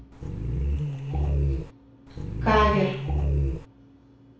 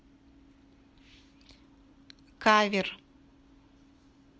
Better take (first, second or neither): second